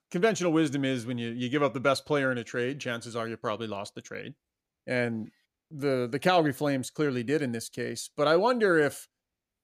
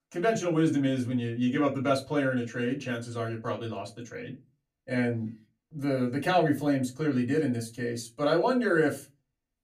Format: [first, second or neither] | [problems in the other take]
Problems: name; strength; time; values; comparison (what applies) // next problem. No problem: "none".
first | off-mic speech; far // room echo; very slight; dies away in 0.2 s